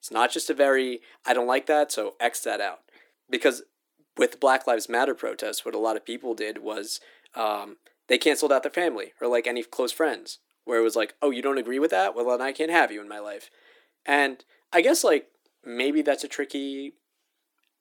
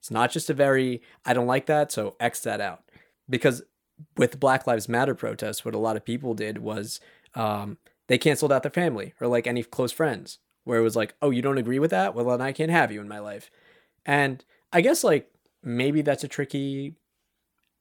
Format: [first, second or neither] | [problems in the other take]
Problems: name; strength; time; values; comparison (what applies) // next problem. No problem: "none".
second | thin; very slightly; fading below 300 Hz